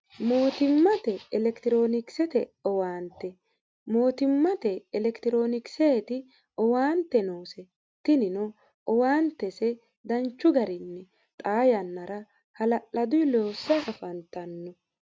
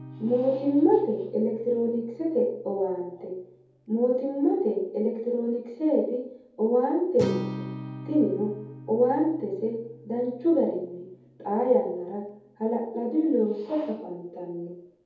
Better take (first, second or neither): first